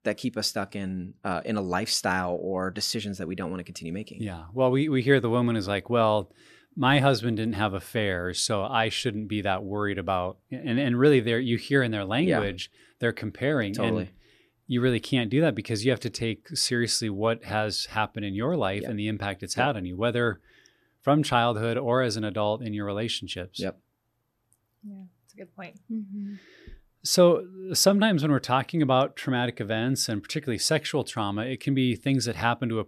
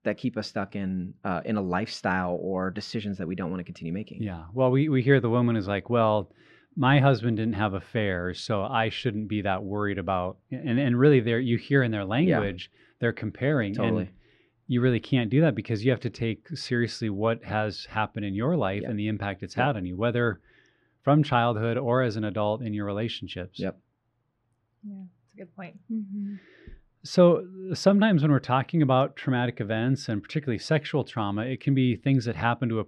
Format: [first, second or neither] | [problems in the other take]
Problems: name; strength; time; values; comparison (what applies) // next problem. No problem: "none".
first | muffled; slightly; fading above 3 kHz